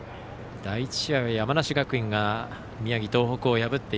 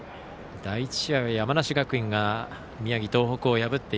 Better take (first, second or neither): second